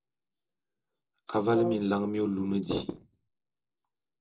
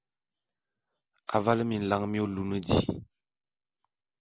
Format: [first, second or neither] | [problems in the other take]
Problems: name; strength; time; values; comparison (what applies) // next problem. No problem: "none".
second | noise reduction (neural separator model SepFormer DNS4)